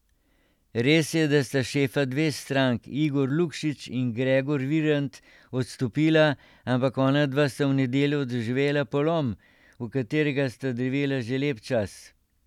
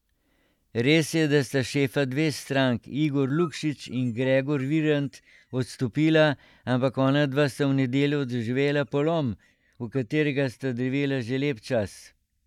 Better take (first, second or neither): first